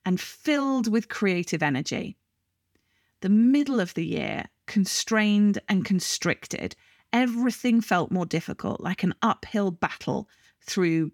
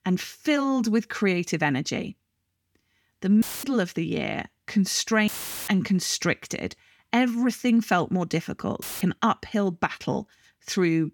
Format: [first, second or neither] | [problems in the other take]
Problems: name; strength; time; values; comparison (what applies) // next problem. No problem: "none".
first | audio cutting out; filled with static; at 3.5 s, at 5.5 s and at 9 s